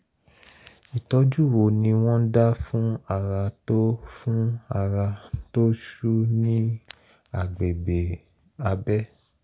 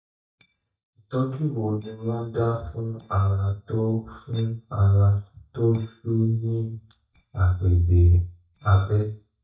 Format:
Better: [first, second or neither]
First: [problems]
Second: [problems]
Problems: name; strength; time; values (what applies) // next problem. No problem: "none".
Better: first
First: none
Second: noise reduction (neural mask model DeepFilterNet 3)